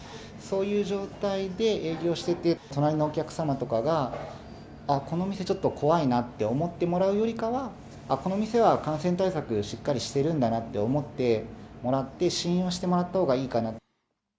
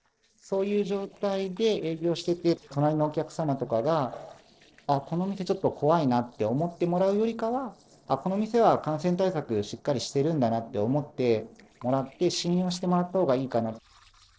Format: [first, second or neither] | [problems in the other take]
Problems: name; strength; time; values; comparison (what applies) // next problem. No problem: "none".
first | noise reduction (neural separator model SepFormer DNS4)